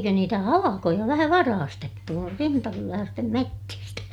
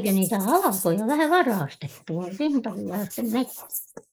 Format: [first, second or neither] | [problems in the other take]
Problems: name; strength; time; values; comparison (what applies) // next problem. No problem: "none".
first | noise reduction (neural mask model Resemble Enhance denoiser)